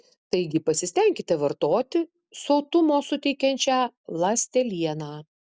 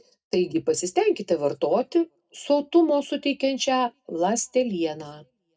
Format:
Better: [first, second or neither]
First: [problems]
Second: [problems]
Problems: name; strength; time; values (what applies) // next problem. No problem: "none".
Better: first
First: none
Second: room echo; dies away in 0.2 s